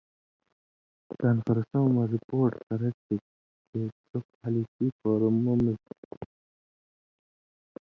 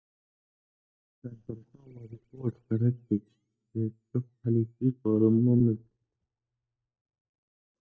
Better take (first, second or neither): first